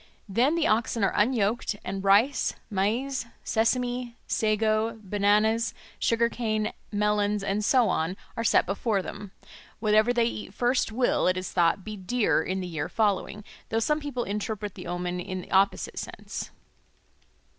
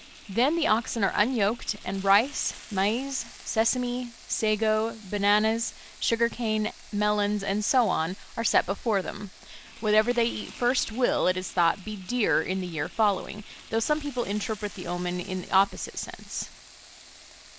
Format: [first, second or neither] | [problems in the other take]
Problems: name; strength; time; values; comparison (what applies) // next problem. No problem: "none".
first | background sound (Frying (food)); 20 dB below the speech